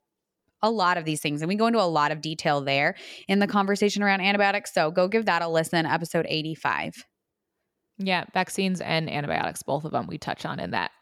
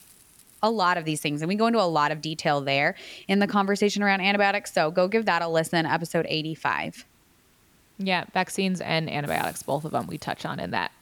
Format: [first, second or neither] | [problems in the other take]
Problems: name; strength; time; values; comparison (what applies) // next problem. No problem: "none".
first | hiss; faint; throughout; 30 dB below the speech